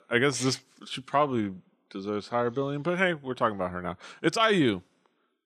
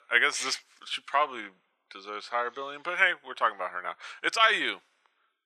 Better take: first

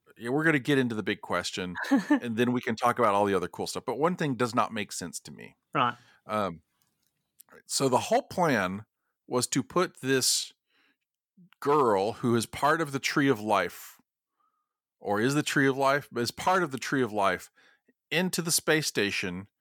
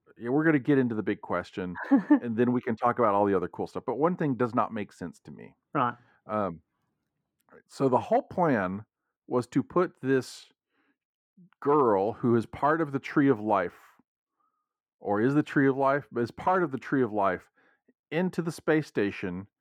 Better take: first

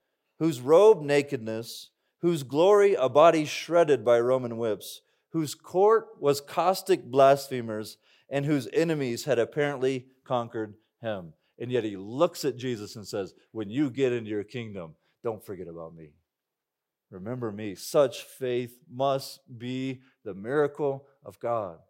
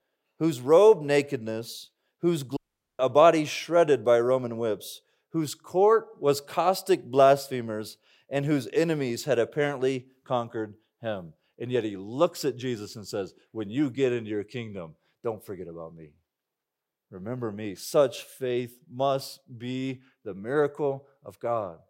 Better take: first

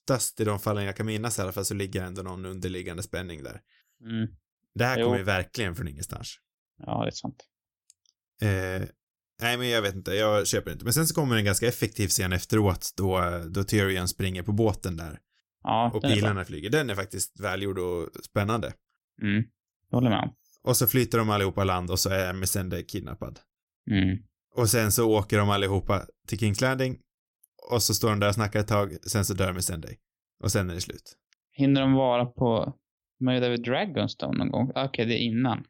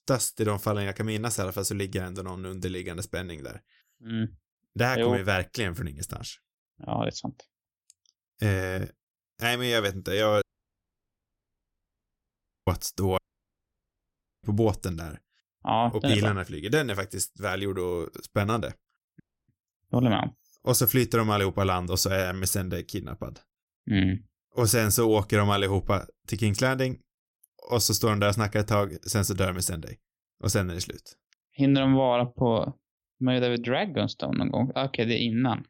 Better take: first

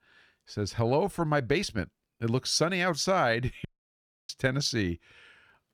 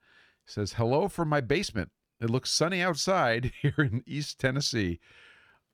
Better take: second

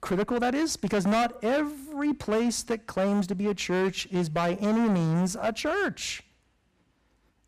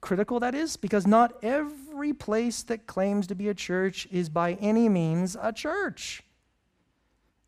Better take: second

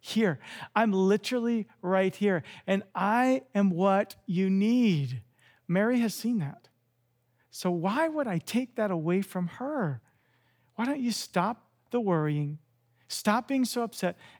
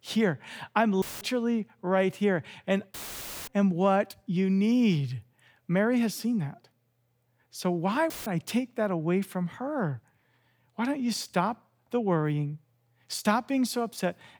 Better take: first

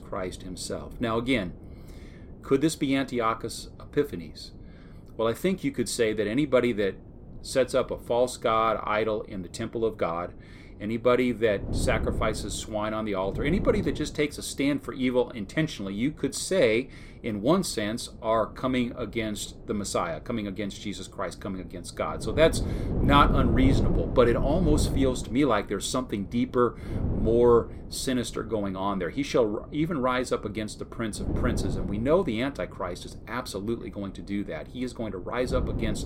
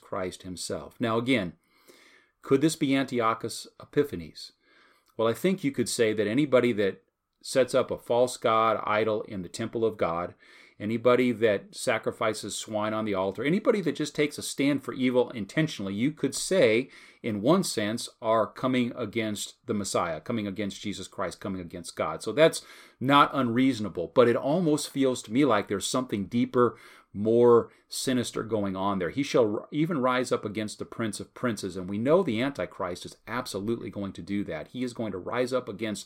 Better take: second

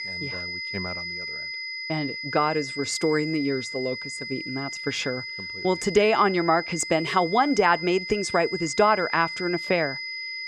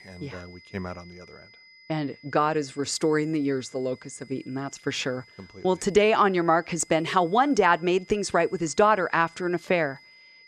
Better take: second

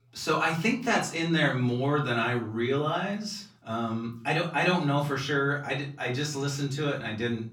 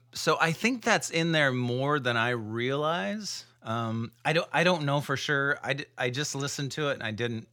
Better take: second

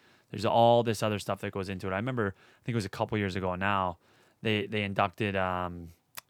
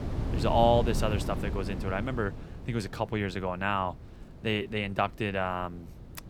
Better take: first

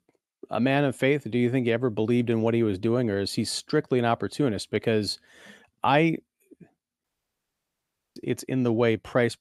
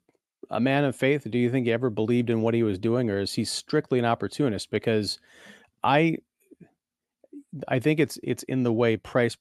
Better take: second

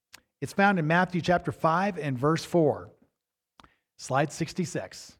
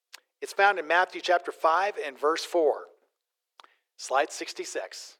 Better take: first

